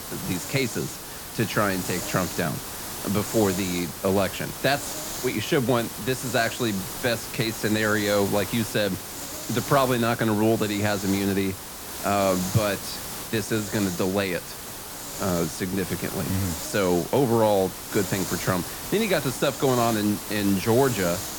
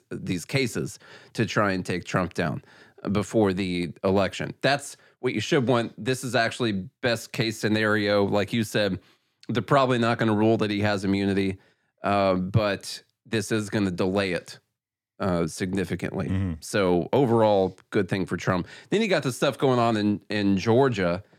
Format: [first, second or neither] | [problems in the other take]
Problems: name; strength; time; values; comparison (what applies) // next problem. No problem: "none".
second | hiss; loud; throughout; 7 dB below the speech